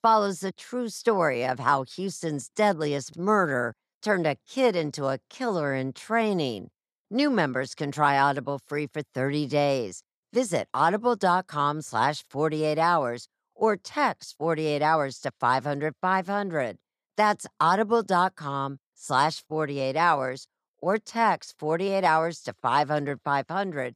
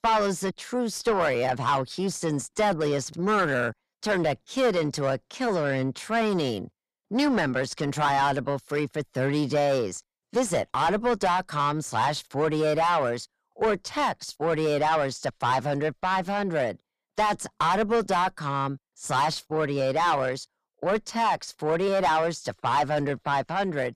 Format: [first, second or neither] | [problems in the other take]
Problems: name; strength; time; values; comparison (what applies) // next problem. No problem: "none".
first | distortion; heavy; 6 dB below the speech